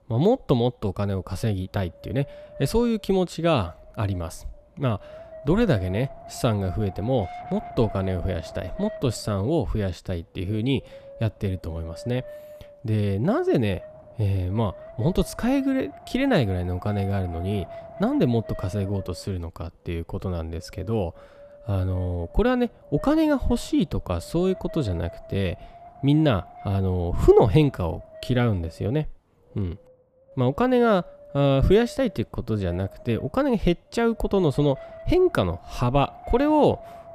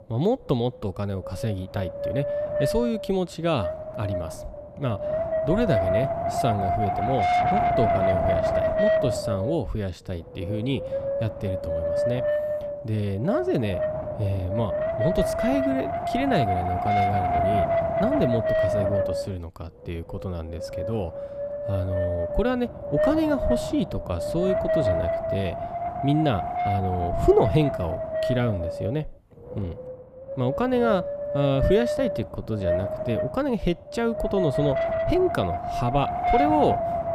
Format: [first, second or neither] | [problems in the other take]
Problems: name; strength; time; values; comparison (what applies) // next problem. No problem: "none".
first | wind noise on the microphone; heavy; 4 dB above the speech; occasional gusts in the first